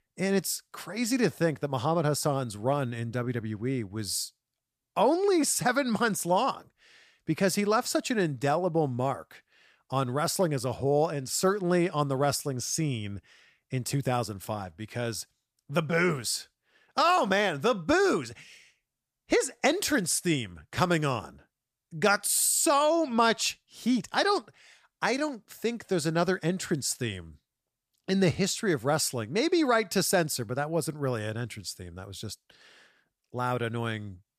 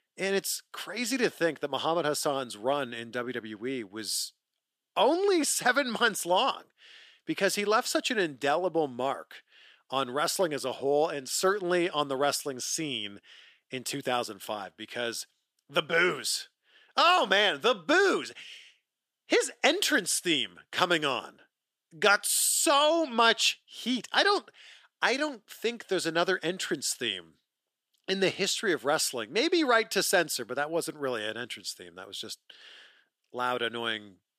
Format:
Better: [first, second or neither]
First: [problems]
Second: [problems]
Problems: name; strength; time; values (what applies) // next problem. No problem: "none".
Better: first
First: none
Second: thin; somewhat; fading below 350 Hz